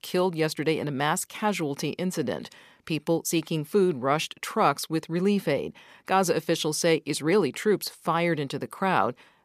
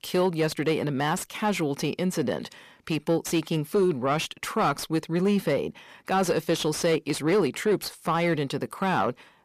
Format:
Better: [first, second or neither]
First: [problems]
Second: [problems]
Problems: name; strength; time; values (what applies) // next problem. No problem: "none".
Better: first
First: none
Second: distortion; slight; 10 dB below the speech